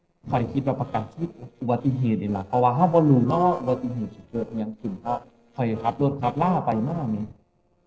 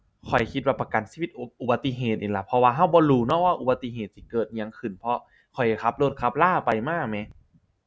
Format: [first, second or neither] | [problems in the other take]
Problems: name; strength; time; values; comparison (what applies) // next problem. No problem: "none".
second | noise reduction (neural separator model SepFormer DNS4)